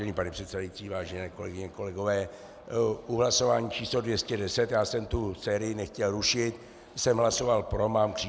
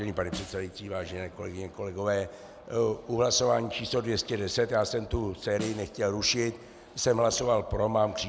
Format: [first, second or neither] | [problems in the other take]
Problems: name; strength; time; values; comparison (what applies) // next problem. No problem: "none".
first | background sound (Snare drum); 16 dB below the speech